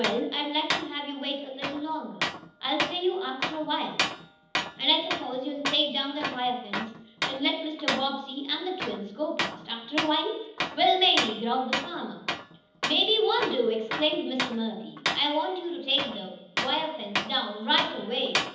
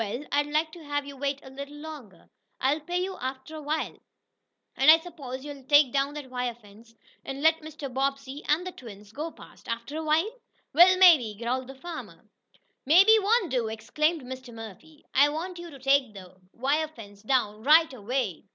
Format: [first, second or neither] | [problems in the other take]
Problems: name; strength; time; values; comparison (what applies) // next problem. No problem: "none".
second | background sound (Tools); 5 dB below the speech // room echo; dies away in 1.3 s